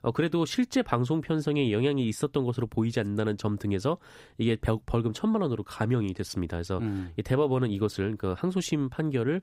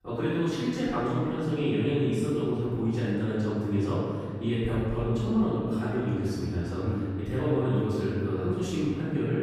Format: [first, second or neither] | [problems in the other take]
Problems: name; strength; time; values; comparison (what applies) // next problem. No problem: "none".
first | off-mic speech; far // room echo; strong; dies away in 2.2 s